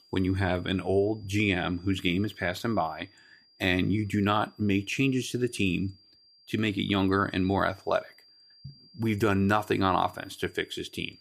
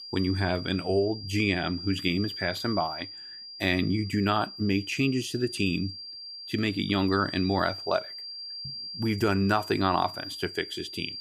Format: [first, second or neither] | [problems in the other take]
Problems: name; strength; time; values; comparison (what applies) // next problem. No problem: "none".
first | high-pitched whine; loud; throughout; 5 kHz, 10 dB below the speech; faint in the first